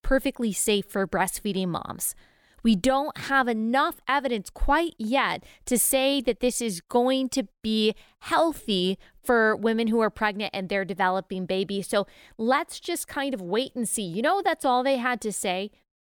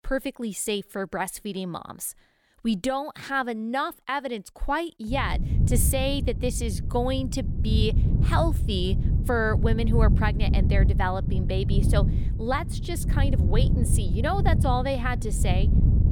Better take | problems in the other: first | wind noise on the microphone; heavy; from 5 s on; 9 dB below the speech

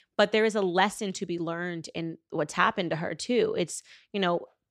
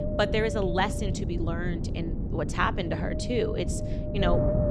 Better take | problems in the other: first | wind noise on the microphone; heavy; 5 dB below the speech

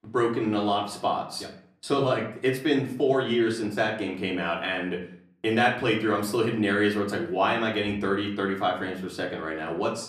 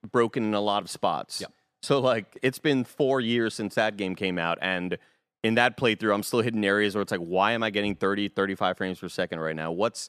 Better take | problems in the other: second | room echo; slight; dies away in 0.5 s // off-mic speech; far

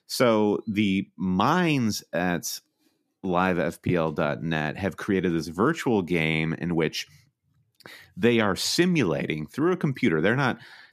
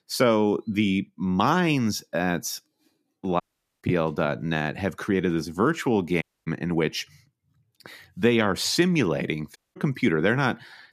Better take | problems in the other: first | audio cutting out; at 3.5 s, at 6 s and at 9.5 s

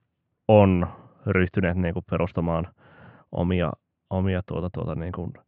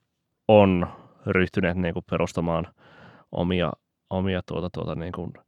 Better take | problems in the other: second | muffled; very; fading above 3 kHz

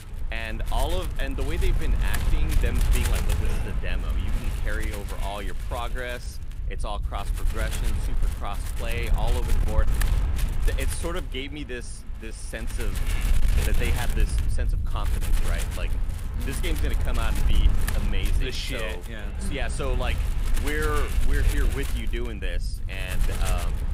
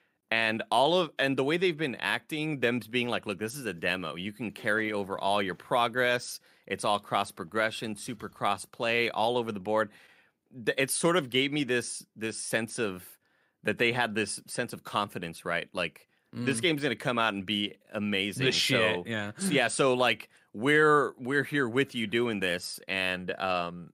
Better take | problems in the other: second | wind noise on the microphone; heavy; 4 dB below the speech

